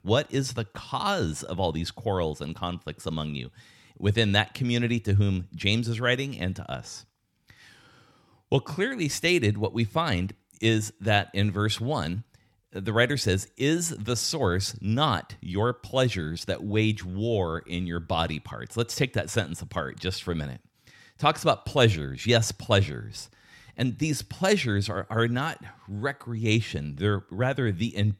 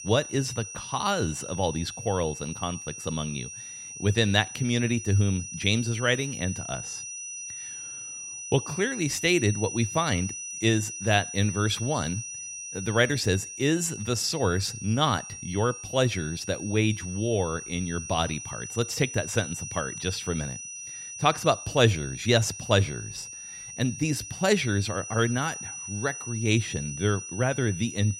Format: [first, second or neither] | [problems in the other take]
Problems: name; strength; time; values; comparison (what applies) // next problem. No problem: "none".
first | high-pitched whine; loud; throughout; 6 kHz, 9 dB below the speech